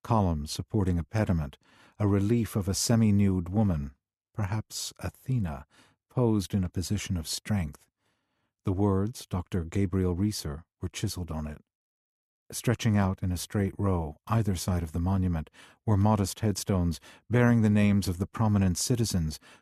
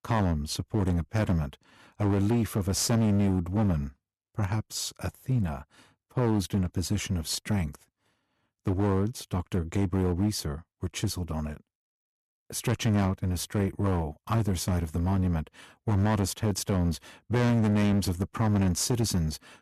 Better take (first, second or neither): first